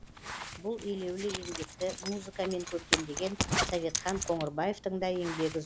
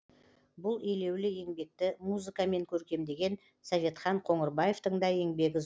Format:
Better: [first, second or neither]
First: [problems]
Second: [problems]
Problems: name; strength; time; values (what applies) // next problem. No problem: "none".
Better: second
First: background sound (Zipper (clothing)); 3 dB below the speech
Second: none